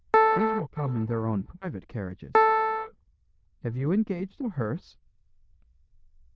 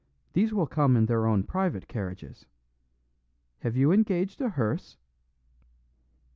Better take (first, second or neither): second